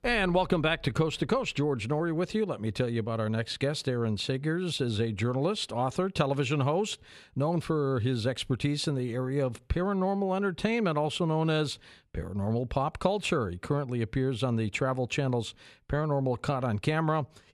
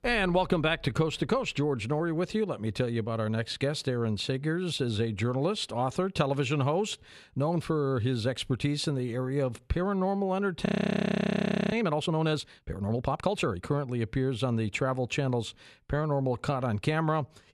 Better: first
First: none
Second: audio freezing; at 11 s for 1 s

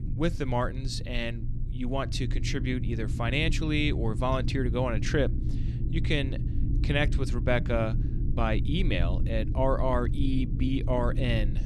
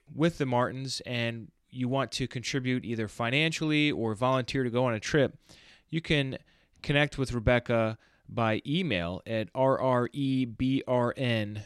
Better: second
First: low rumble; noticeable; throughout; 10 dB below the speech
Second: none

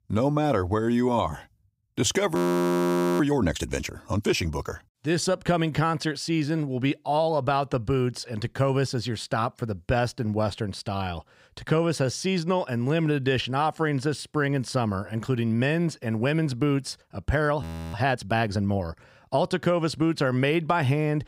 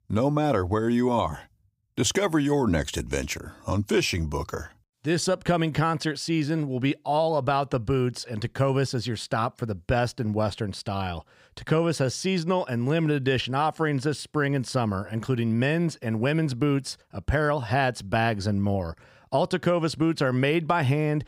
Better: second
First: audio freezing; at 2.5 s for 1 s and at 18 s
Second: none

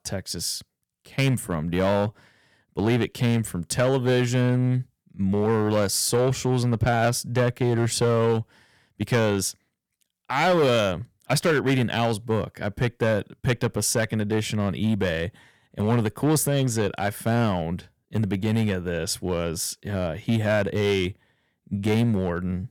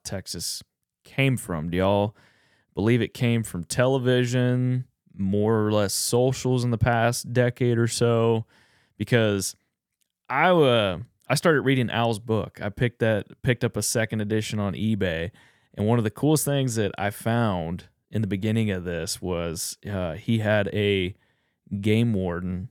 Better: second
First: distortion; slight; 6% of the sound clipped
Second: none

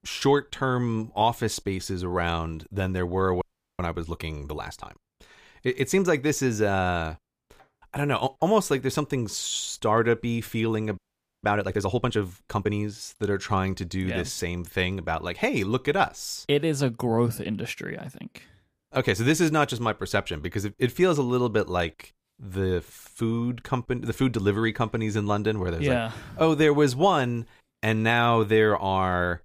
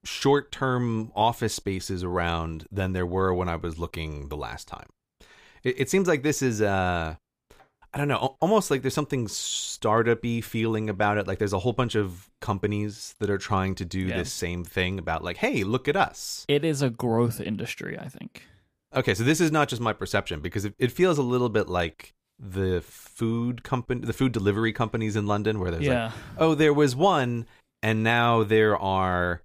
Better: second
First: audio freezing; at 3.5 s and at 11 s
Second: none

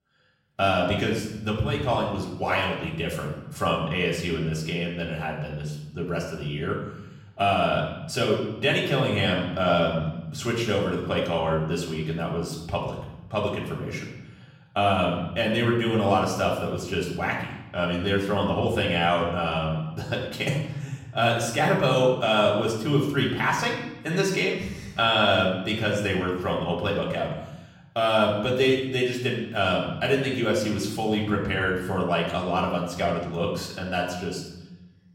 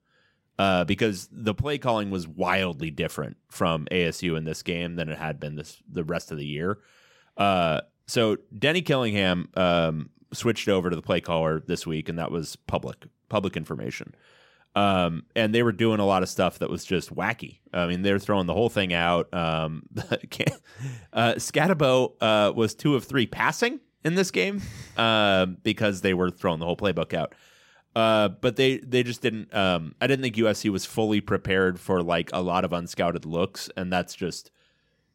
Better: second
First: off-mic speech; far // room echo; noticeable; dies away in 0.9 s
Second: none

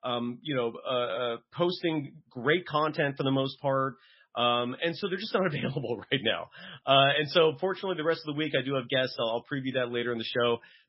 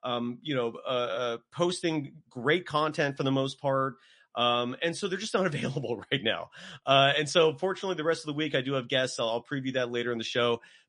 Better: second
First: garbled, watery; badly; nothing above 5.5 kHz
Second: garbled, watery; slightly; nothing above 9.5 kHz

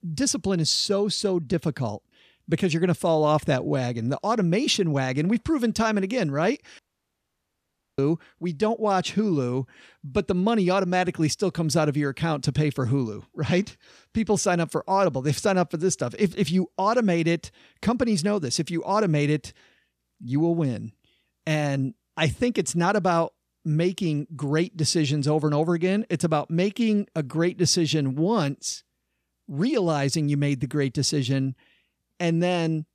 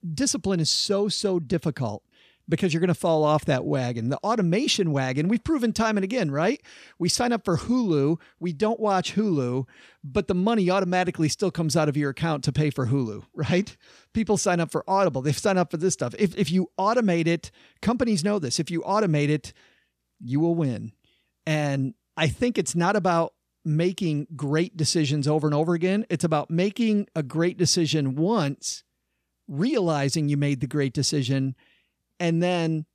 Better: second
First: audio cutting out; at 7 s for 1 s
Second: none

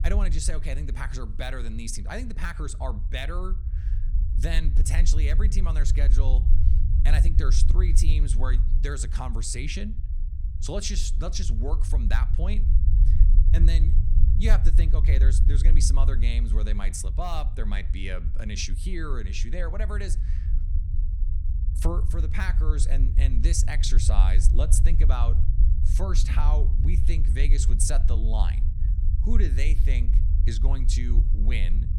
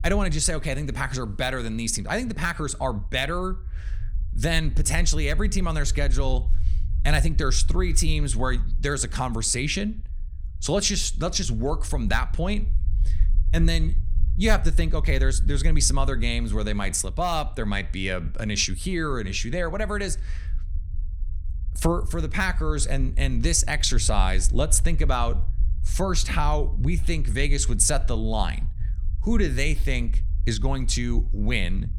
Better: second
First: low rumble; loud; throughout; 9 dB below the speech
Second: low rumble; faint; throughout; 25 dB below the speech

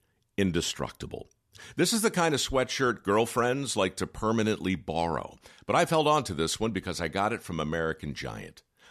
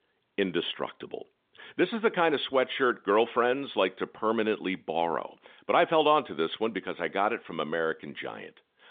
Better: first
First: none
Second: phone-call audio

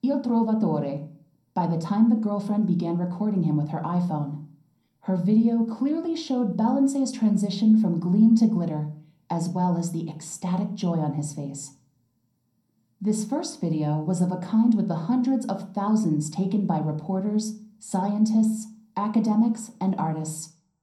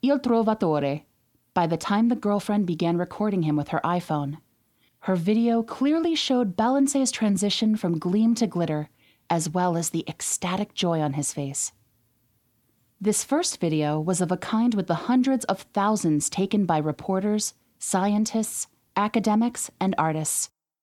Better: second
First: room echo; slight; dies away in 0.5 s // off-mic speech; somewhat distant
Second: none

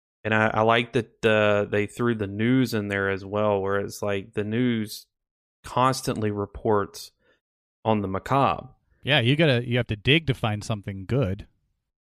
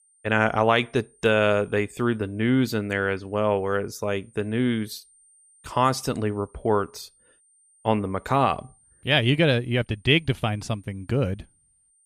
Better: first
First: none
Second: high-pitched whine; faint; throughout; 9 kHz, 35 dB below the speech

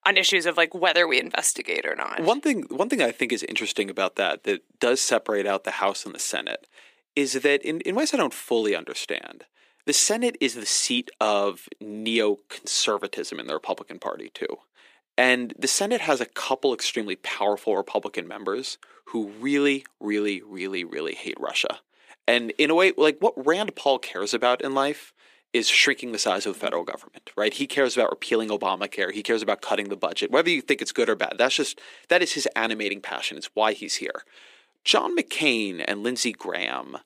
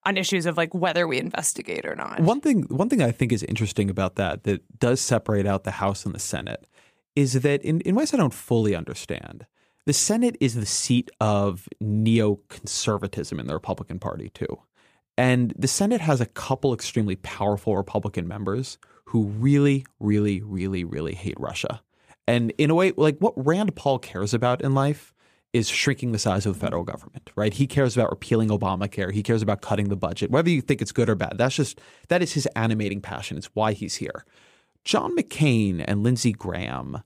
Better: second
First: thin; somewhat; fading below 300 Hz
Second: none

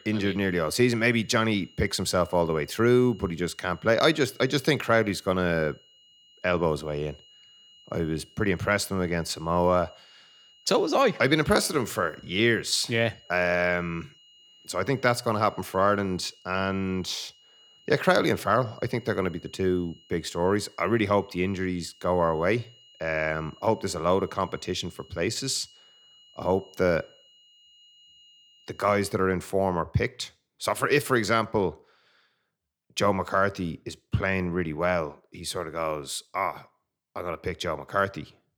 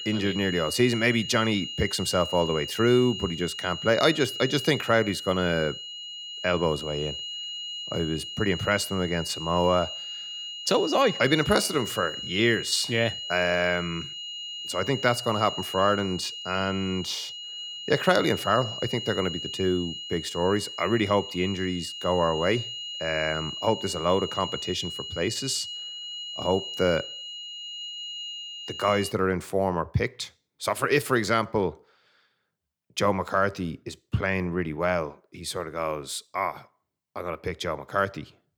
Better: first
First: high-pitched whine; faint; until 29 s; 3 kHz, 25 dB below the speech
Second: high-pitched whine; loud; until 29 s; 3 kHz, 7 dB below the speech

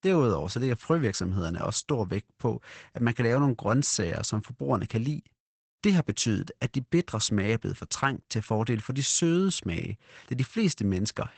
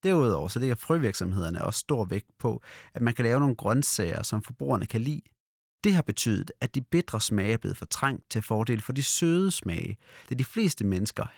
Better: second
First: garbled, watery; badly; nothing above 8 kHz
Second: garbled, watery; slightly; nothing above 18 kHz

